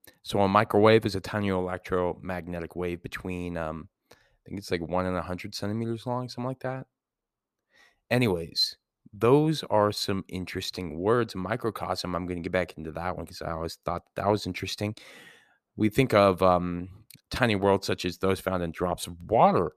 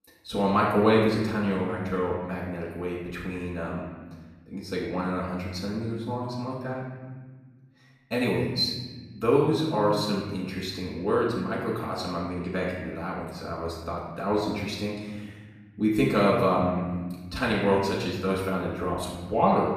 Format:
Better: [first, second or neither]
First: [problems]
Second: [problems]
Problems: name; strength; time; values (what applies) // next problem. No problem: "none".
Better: first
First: none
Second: off-mic speech; far // room echo; noticeable; dies away in 1.5 s